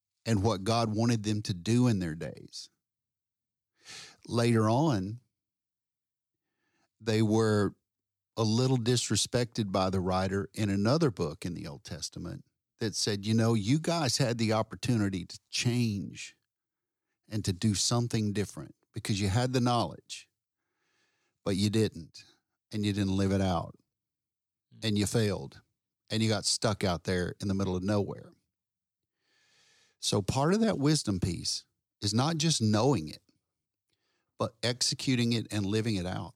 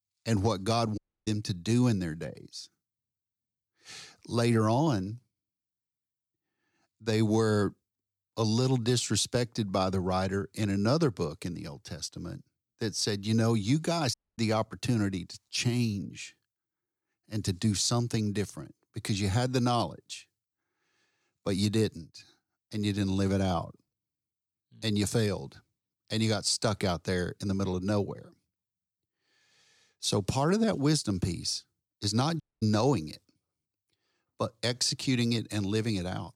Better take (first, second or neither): first